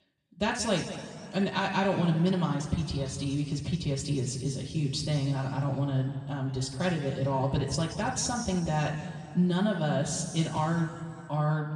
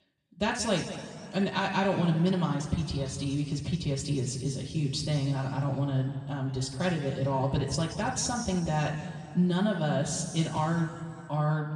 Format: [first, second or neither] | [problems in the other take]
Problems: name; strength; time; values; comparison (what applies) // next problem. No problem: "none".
neither | room echo; noticeable; dies away in 1.9 s; the same in both // off-mic speech; far; the same in both